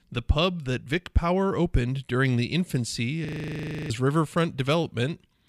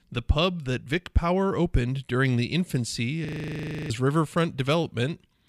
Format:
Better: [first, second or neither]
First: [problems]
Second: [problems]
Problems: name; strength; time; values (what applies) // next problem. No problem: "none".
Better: neither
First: audio freezing; at 3.5 s for 0.5 s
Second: audio freezing; at 3.5 s for 0.5 s